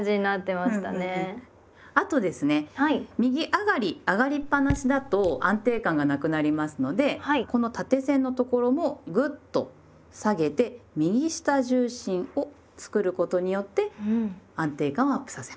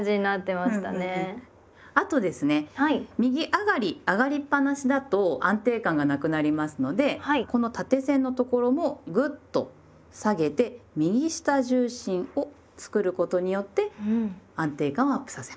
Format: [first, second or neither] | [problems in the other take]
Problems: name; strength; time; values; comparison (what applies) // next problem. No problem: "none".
second | background sound (Raindrop / Drip); 10 dB below the speech